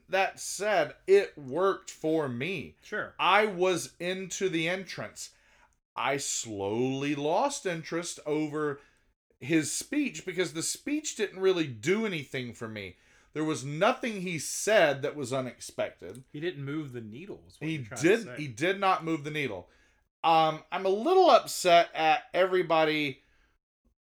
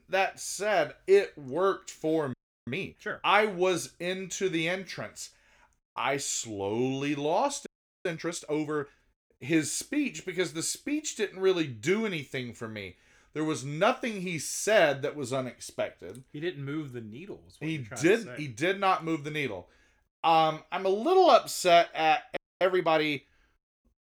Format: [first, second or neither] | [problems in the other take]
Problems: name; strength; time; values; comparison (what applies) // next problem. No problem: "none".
first | audio freezing; at 2.5 s, at 7.5 s and at 22 s